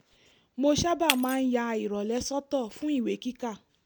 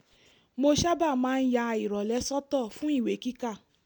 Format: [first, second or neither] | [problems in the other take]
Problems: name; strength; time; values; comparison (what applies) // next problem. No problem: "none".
second | background sound (Shatter); 10 dB below the speech